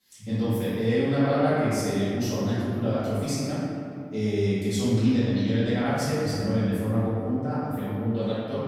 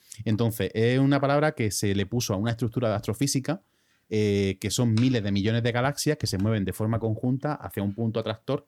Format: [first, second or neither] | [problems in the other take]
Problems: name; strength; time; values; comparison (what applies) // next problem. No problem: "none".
second | room echo; strong; dies away in 2.1 s // off-mic speech; far